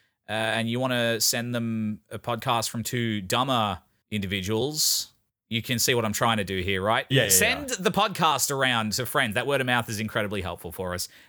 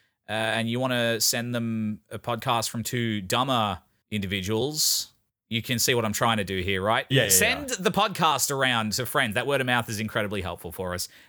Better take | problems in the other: neither | none

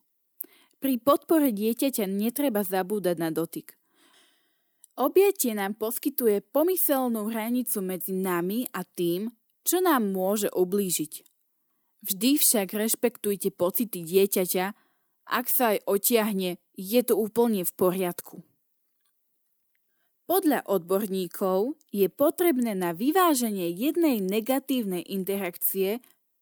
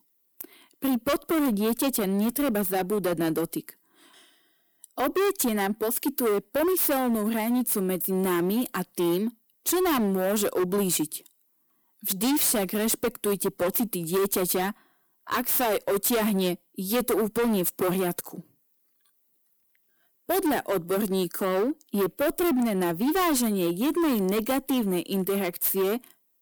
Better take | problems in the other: first | distortion; heavy; 18% of the sound clipped

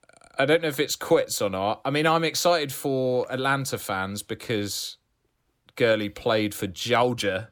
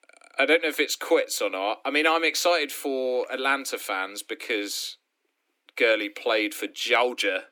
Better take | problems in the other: first | thin; very slightly; fading below 300 Hz

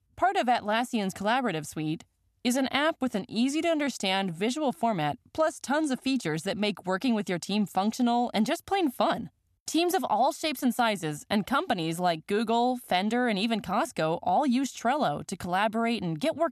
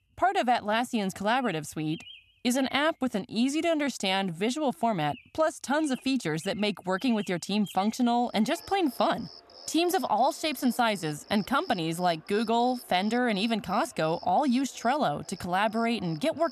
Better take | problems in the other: first | animal sounds; faint; throughout; 20 dB below the speech

